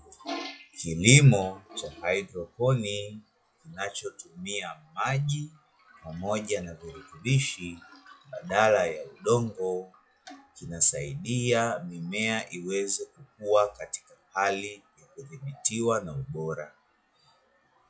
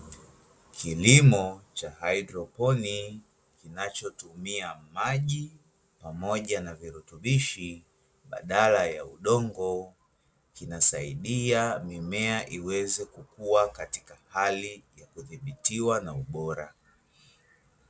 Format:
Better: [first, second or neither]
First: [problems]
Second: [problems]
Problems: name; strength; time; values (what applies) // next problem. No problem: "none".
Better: second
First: noise reduction (classical method log-MMSE)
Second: none